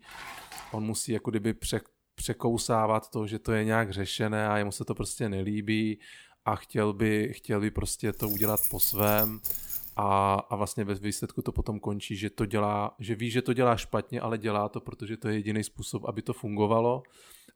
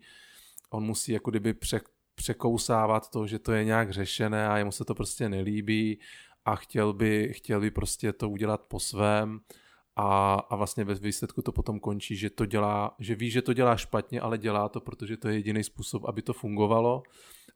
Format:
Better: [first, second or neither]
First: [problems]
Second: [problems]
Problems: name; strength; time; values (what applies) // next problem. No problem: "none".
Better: second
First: clattering dishes; faint; at the start; peak 10 dB below the speech // jangling keys; loud; from 8 to 10 s; peak 5 dB above the speech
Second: none